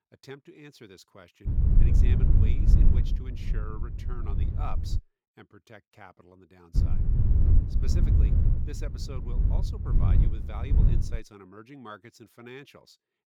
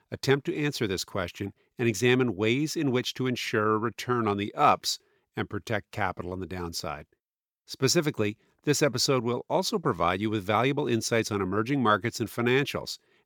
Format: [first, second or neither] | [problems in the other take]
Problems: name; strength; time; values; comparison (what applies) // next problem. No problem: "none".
second | wind noise on the microphone; heavy; from 1.5 to 5 s and from 7 to 11 s; 3 dB above the speech